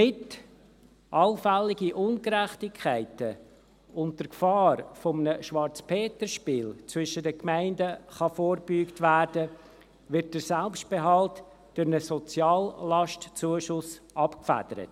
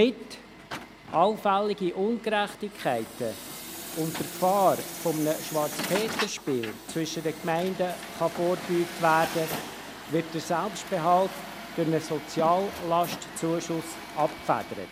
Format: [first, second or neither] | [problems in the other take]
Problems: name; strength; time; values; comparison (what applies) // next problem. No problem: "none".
first | background sound (Truck); 11 dB below the speech